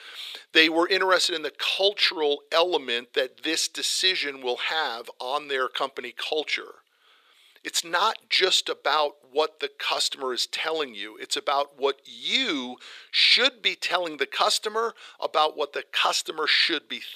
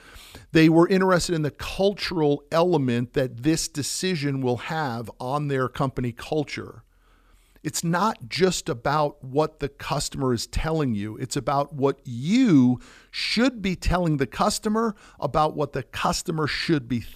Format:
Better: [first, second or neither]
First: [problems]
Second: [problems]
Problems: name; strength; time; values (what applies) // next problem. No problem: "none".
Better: second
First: thin; very; fading below 400 Hz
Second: none